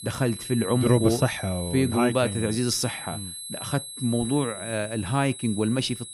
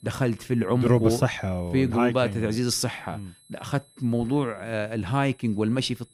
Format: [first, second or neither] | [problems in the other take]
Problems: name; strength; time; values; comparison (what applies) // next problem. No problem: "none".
second | high-pitched whine; loud; throughout; 4 kHz, 10 dB below the speech; faint in the second